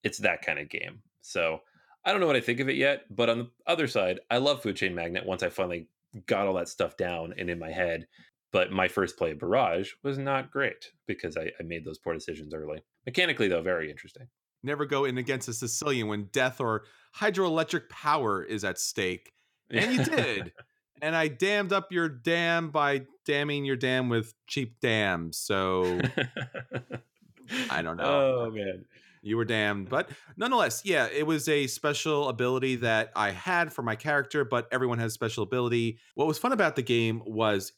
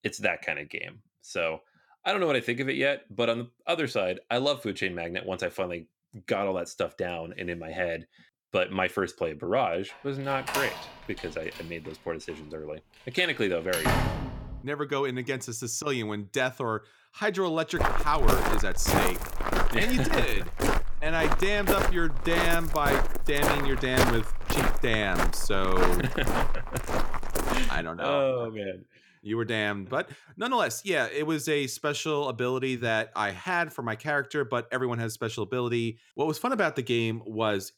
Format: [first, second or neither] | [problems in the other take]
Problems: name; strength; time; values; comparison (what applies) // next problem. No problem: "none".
first | door banging; loud; from 10 to 15 s; peak 3 dB above the speech // footsteps; loud; from 18 to 28 s; peak 4 dB above the speech